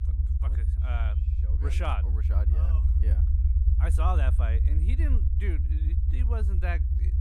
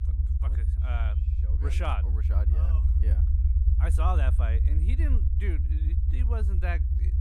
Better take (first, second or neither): neither